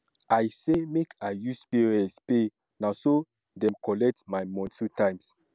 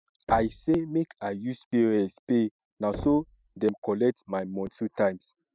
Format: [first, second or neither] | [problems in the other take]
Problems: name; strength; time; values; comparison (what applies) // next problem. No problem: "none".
first | noise reduction (classical method spectral subtraction)